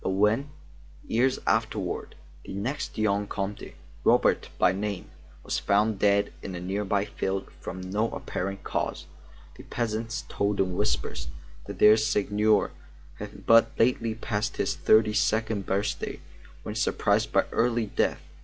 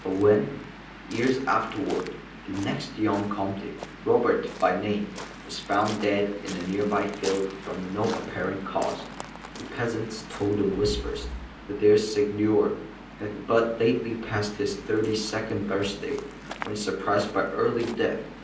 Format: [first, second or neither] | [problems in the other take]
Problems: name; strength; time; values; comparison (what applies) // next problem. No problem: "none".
first | background sound (Waves, surf); 14 dB below the speech // room echo; dies away in 0.6 s